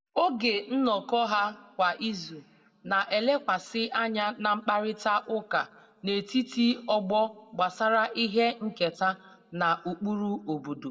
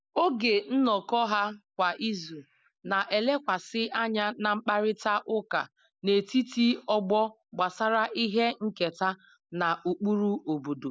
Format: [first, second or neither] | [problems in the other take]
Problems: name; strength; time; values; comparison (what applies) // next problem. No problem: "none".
second | room echo; dies away in 0.6 s